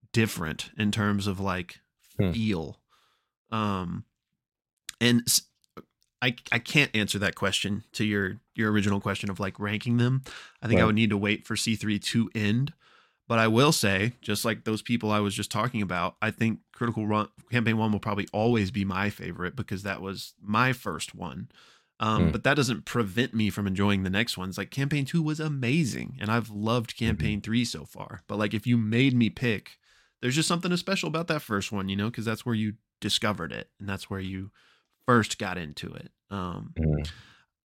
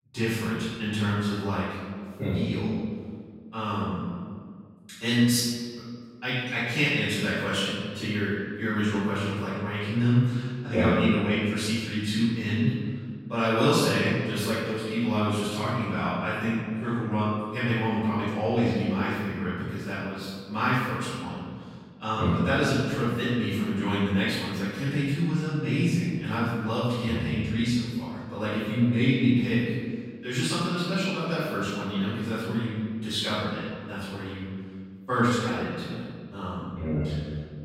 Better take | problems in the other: first | room echo; strong; dies away in 1.7 s // off-mic speech; far

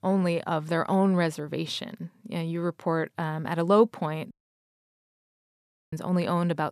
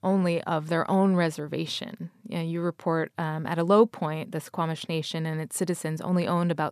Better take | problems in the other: second | audio cutting out; at 4.5 s for 1.5 s

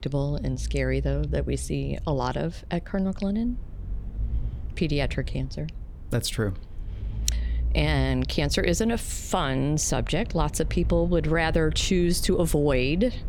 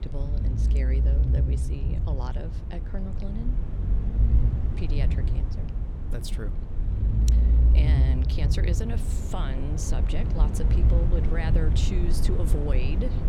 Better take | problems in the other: first | low rumble; loud; throughout; 2 dB below the speech; faint in the first

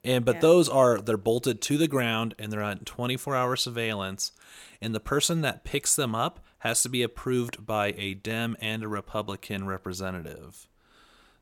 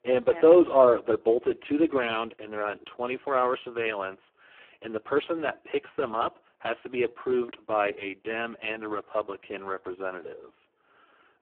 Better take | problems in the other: first | phone-call audio; poor line

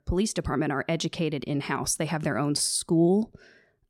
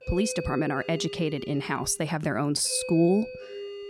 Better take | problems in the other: first | doorbell; noticeable; peak 8 dB below the speech

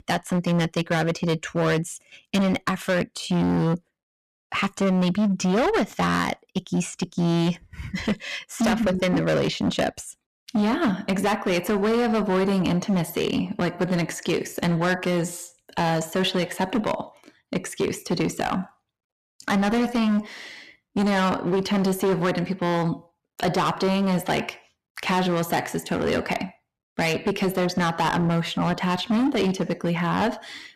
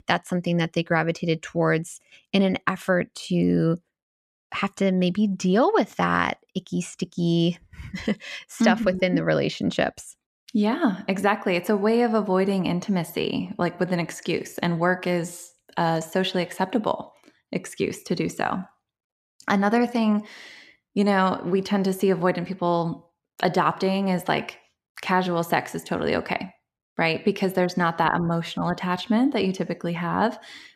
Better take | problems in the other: second | distortion; heavy; 14% of the sound clipped

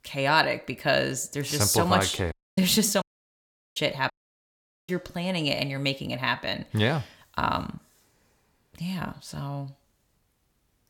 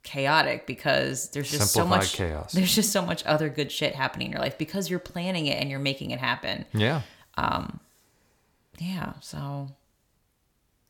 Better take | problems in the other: second | audio cutting out; at 2.5 s, at 3 s for 0.5 s and at 4 s for 1 s

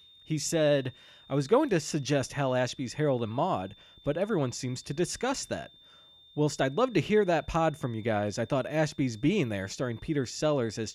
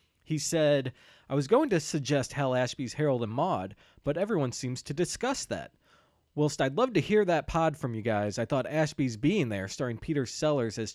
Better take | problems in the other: second | high-pitched whine; faint; throughout; 3.5 kHz, 25 dB below the speech

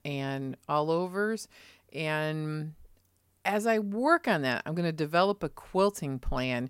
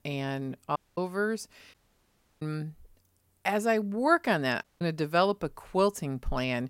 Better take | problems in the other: first | audio cutting out; at 1 s, at 1.5 s for 0.5 s and at 4.5 s

